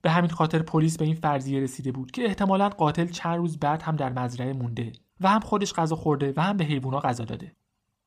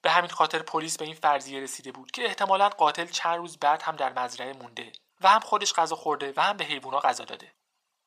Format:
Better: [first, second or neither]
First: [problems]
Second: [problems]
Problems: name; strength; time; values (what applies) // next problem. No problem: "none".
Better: first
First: none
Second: thin; very; fading below 750 Hz